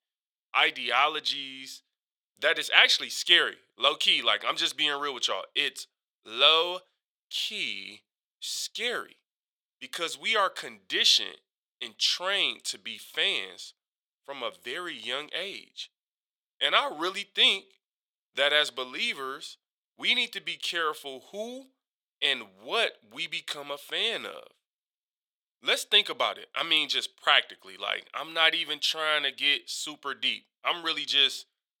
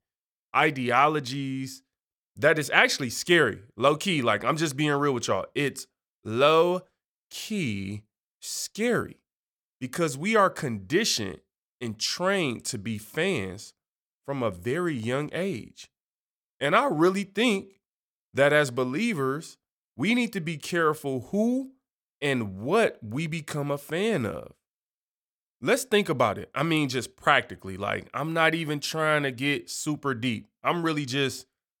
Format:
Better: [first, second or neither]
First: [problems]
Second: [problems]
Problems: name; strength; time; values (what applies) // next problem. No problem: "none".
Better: second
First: thin; very; fading below 550 Hz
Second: none